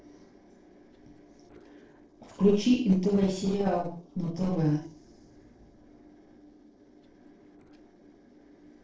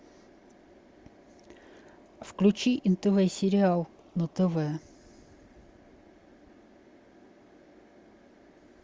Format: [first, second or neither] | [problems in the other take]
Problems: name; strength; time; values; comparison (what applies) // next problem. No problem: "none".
second | noise reduction (neural separator model SepFormer DNS4)